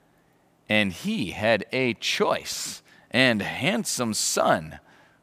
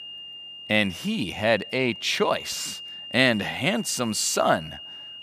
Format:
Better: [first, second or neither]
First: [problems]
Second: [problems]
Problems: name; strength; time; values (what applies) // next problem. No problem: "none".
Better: first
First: none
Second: high-pitched whine; noticeable; throughout; 3 kHz, 15 dB below the speech